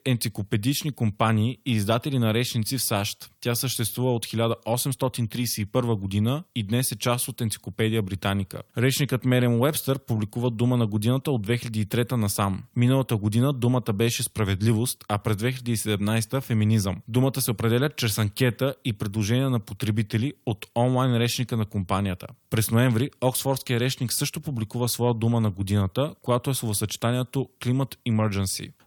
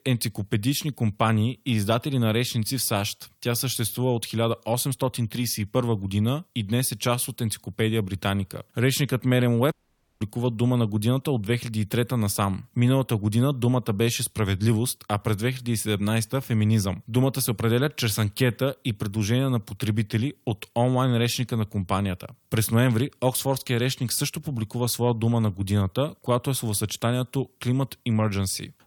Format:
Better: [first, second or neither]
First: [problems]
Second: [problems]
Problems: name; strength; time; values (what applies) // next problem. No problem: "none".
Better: first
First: none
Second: audio cutting out; at 9.5 s